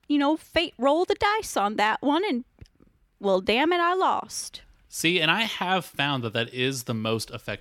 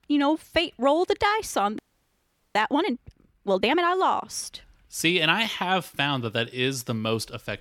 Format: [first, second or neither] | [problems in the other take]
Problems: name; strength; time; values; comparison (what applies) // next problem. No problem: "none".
first | audio freezing; at 2 s for 1 s